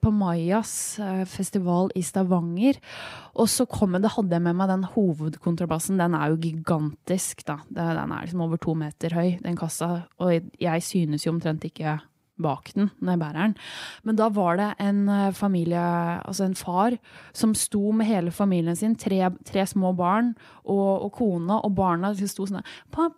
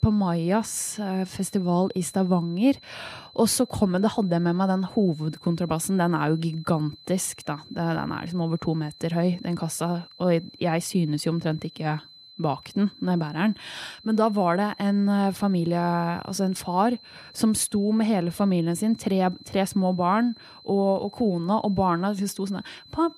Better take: first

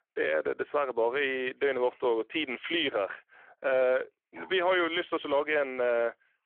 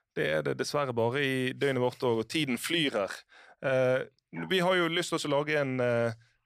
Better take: second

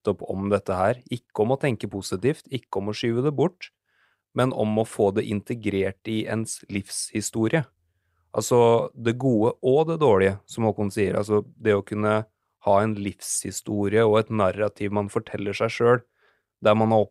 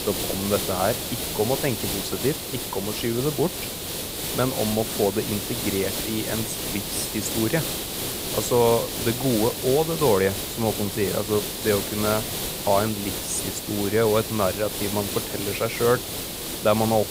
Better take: first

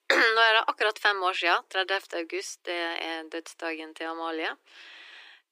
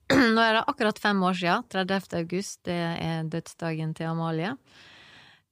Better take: second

